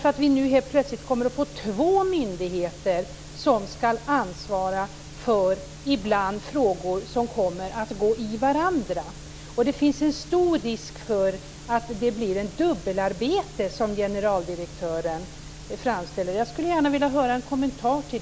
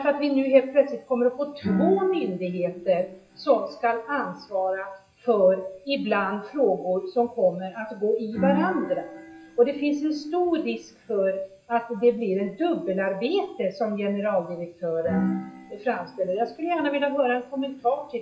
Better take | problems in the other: first | noise reduction (classical method WPE with log-MMSE)

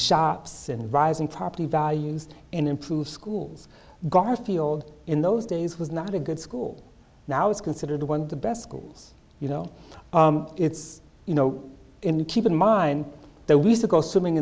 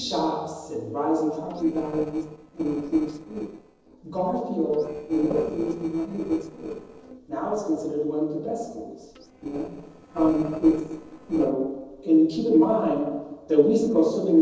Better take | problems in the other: first | noise reduction (neural separator model SepFormer DNS4)

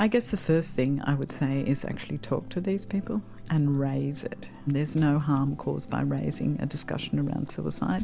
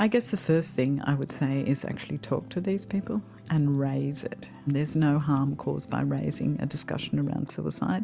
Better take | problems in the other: second | background sound (Engine / Car); 16 dB below the speech

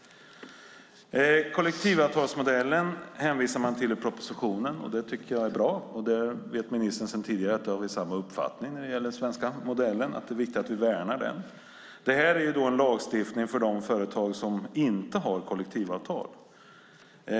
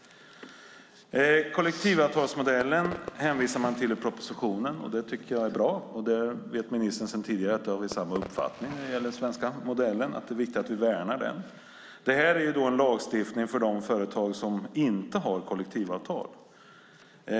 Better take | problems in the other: first | background sound (Fireworks); 15 dB below the speech

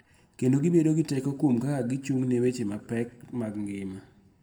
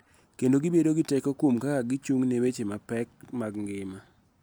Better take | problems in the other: second | room echo; dies away in 0.6 s

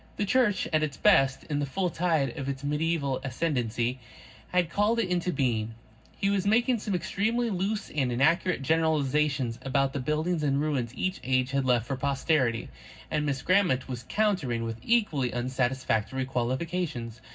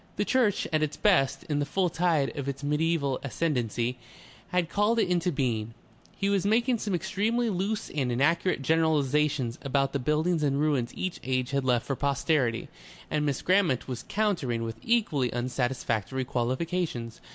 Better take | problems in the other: second | room echo; dies away in 0.4 s

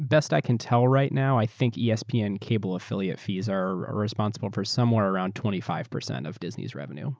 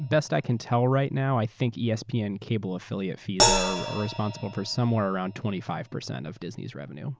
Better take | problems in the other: first | background sound (Crash cymbal); 5 dB below the speech

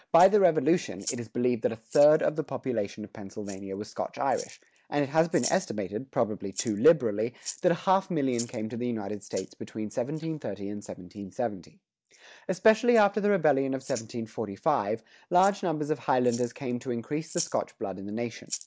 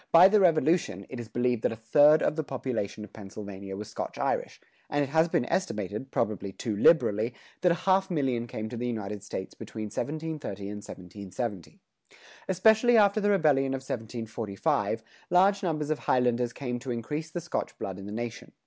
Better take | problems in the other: second | noise reduction (neural mask model DeepFilterNet 3)

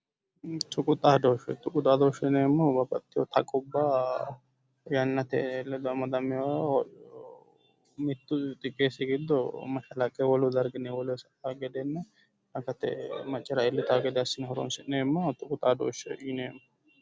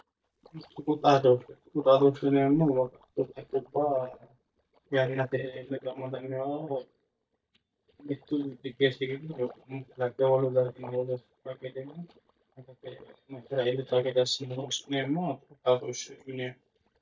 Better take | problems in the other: first | noise reduction (neural mask model DeepFilterNet 3)

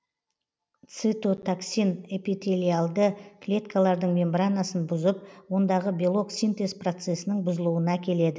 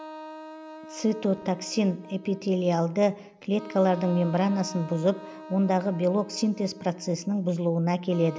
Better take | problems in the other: first | background sound (Wind instrument, woodwind instrument); 17 dB below the speech

